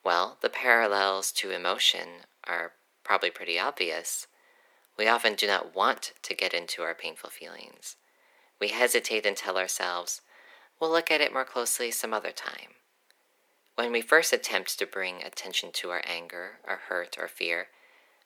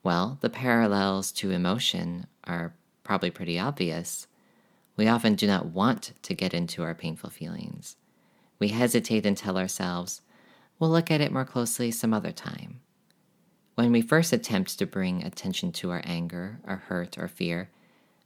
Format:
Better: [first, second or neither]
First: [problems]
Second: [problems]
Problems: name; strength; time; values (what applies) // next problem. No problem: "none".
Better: second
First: thin; very; fading below 400 Hz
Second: none